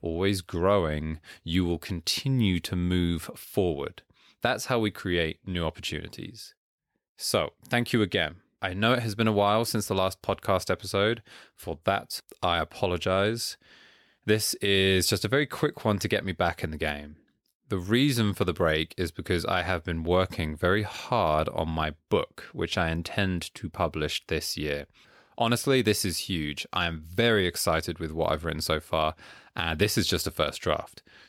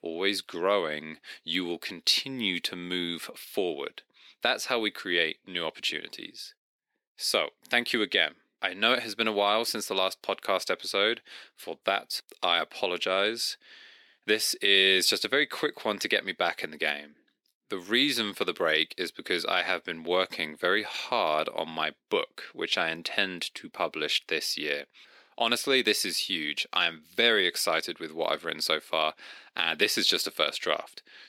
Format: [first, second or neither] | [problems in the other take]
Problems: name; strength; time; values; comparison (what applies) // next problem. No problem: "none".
first | thin; somewhat; fading below 300 Hz